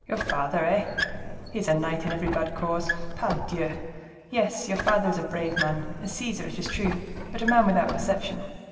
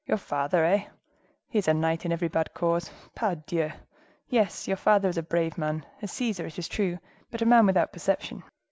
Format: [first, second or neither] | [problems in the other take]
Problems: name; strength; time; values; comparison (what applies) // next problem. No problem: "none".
second | background sound (Squeak); 6 dB below the speech // room echo; dies away in 2.3 s